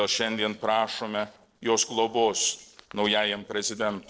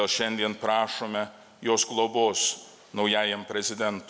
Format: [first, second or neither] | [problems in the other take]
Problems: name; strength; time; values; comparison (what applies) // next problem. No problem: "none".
second | noise reduction (neural separator model SepFormer DNS4)